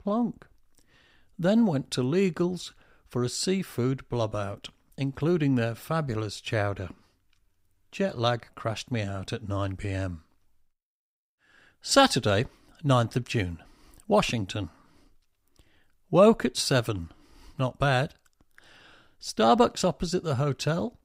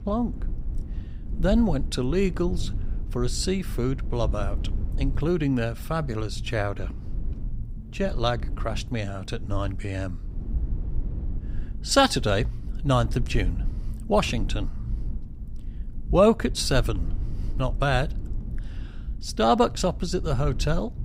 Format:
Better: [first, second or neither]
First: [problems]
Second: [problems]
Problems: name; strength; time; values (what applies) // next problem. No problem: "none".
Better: first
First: none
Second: low rumble; faint; throughout; 20 dB below the speech